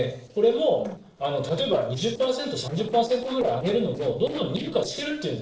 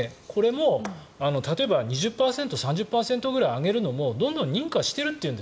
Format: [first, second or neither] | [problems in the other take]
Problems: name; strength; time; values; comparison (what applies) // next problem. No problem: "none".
second | noise reduction (neural separator model SepFormer DNS4)